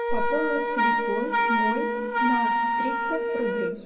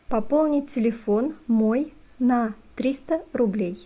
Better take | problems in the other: second | background sound (Wind instrument, woodwind instrument); 5 dB above the speech // room echo; dies away in 1.8 s

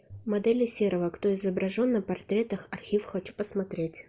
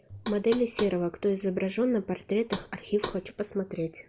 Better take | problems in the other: first | background sound (Knock); 14 dB below the speech

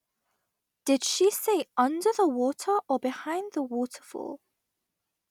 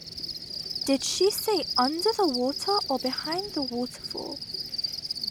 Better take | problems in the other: first | background sound (Cricket); 4 dB below the speech

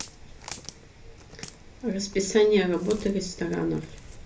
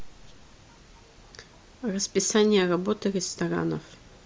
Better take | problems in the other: second | background sound (Walk, footsteps); 16 dB below the speech // room echo; dies away in 0.3 s

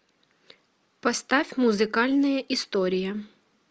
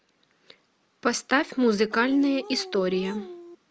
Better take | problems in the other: first | background sound (Dog); 14 dB below the speech

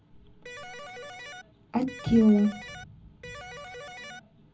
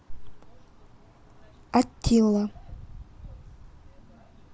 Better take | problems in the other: second | background sound (Electric guitar); 13 dB below the speech // room echo; dies away in 0.4 s

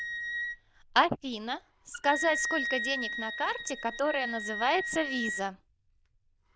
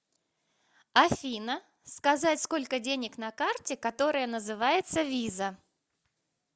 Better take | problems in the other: second | noise reduction (neural diffusion model UNIVERSE++)

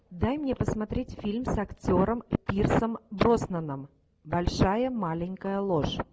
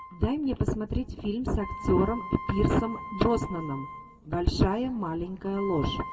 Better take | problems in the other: first | background sound (Wind instrument, woodwind instrument); 14 dB below the speech // room echo; dies away in 1.9 s

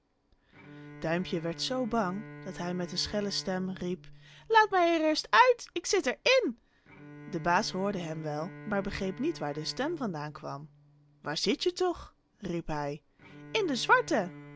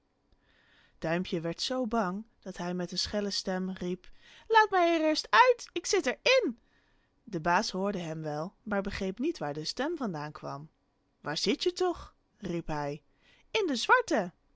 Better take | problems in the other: second | background sound (Bowed string instrument); 18 dB below the speech

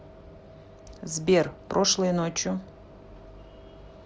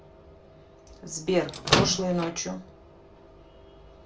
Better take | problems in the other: first | background sound (Microwave oven); 5 dB above the speech // room echo; dies away in 0.2 s

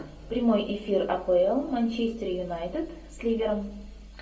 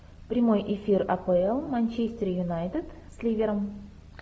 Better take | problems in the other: second | room echo; dies away in 0.2 s

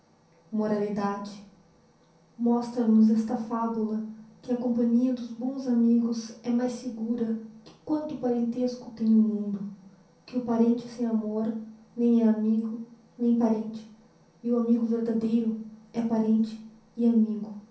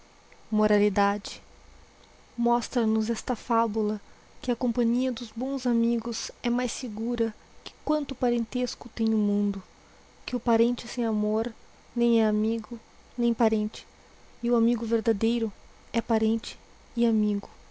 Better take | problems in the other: second | room echo; dies away in 0.6 s

